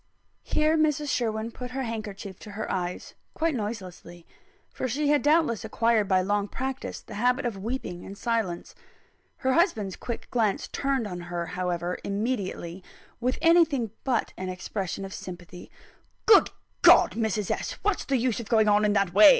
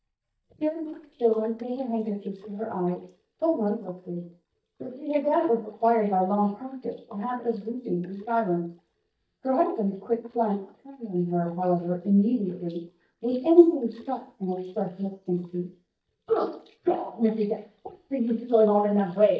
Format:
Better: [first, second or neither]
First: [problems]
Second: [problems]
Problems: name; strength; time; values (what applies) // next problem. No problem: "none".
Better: first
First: none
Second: noise reduction (neural mask model DeepFilterNet 3)